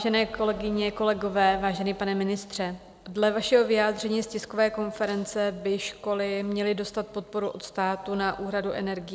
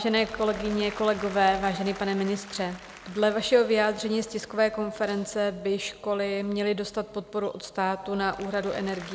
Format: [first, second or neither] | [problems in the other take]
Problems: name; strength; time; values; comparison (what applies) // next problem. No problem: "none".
first | background sound (Applause); 20 dB below the speech